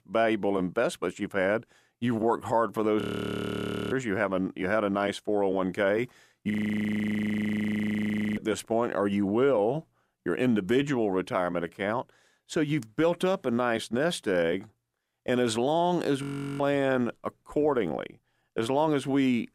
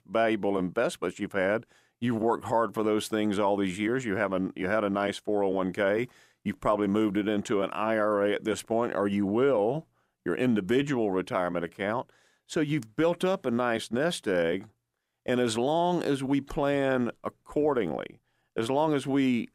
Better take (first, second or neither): second